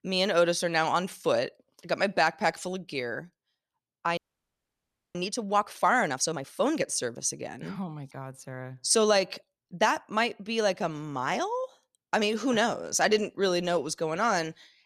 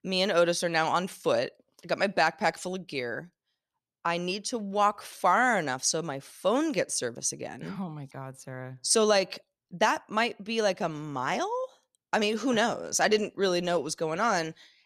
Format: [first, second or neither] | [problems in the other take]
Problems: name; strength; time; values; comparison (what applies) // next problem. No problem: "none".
second | audio freezing; at 4 s for 1 s